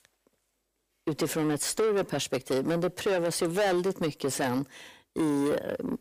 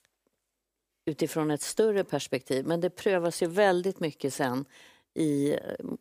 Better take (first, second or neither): second